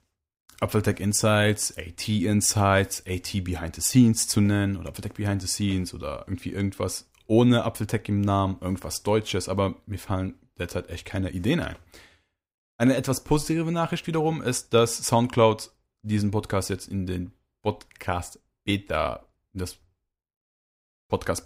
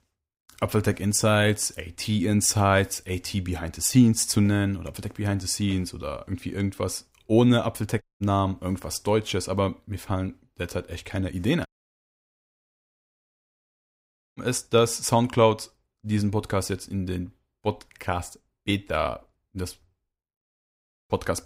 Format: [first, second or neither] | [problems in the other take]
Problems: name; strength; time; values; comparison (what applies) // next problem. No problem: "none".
first | audio cutting out; at 8 s and at 12 s for 2.5 s